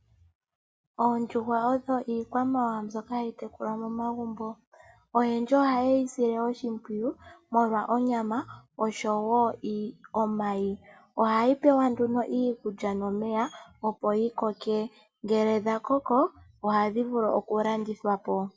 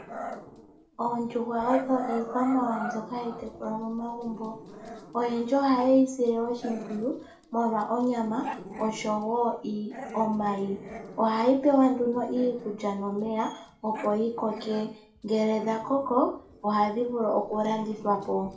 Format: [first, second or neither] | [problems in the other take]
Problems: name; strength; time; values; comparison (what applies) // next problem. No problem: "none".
first | background sound (Growling); 14 dB below the speech // room echo; dies away in 0.4 s